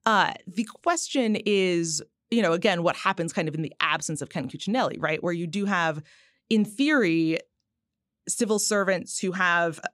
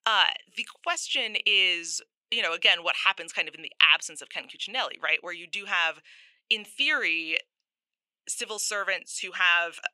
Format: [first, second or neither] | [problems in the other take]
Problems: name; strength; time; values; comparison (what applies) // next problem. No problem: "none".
first | thin; very; fading below 750 Hz